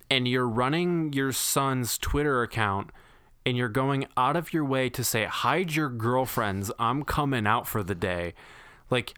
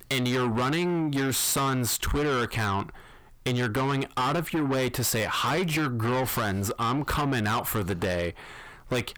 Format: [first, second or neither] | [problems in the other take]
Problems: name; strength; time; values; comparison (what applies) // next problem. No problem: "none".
first | distortion; heavy; 7 dB below the speech